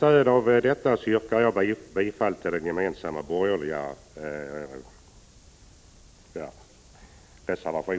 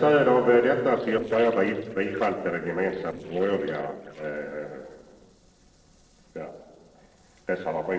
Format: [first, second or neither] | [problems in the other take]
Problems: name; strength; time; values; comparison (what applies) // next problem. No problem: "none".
first | noise reduction (neural separator model SepFormer DNS4)